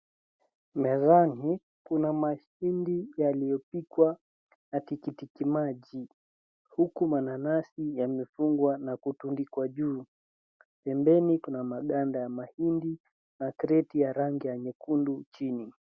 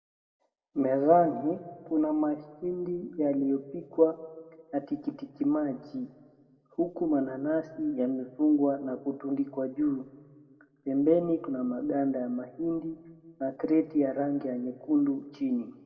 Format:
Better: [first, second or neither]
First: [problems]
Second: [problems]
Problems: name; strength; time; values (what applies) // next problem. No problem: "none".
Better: first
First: none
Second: room echo; dies away in 1.1 s